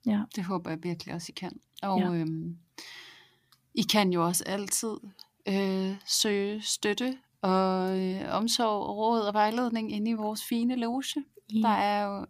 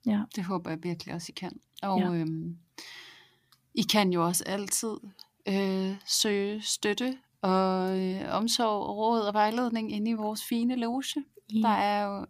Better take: neither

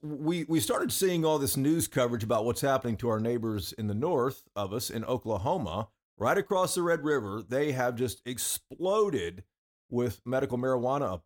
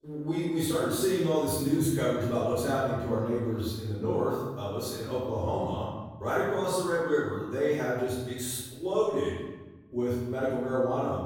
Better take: first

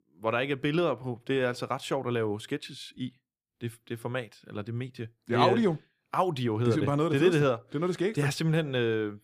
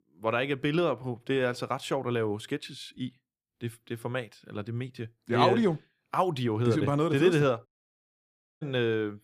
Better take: first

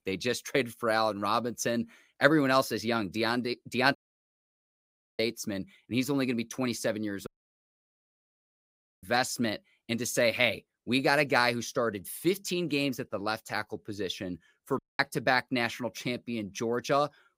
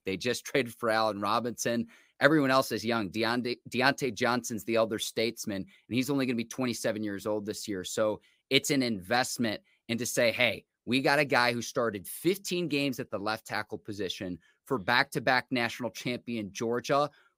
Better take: second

